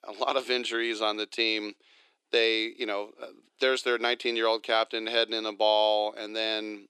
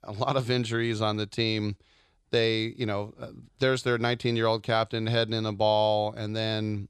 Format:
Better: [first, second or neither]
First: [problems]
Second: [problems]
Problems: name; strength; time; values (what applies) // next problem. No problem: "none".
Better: second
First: thin; very; fading below 300 Hz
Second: none